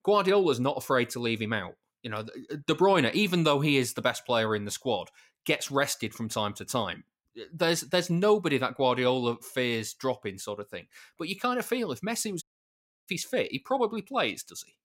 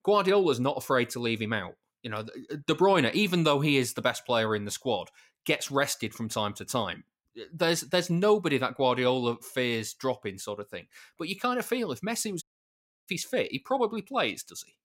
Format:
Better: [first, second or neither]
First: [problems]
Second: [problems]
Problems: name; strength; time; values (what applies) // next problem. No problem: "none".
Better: neither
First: audio cutting out; at 12 s for 0.5 s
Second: audio cutting out; at 12 s for 0.5 s